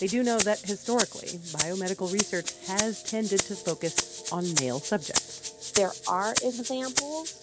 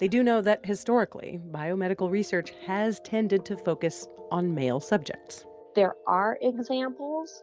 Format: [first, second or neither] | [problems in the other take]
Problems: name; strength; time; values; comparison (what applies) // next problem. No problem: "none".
second | background sound (Rattle (instrument)); 2 dB below the speech